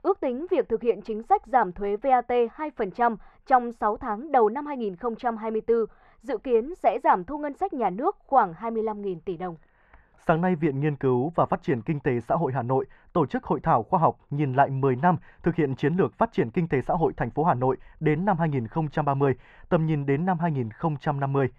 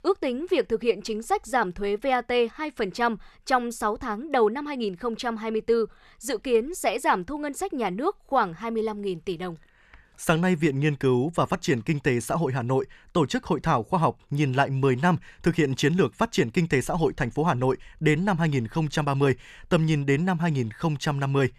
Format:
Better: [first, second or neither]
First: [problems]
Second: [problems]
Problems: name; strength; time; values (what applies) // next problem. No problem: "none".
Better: second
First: muffled; very; fading above 3.5 kHz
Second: none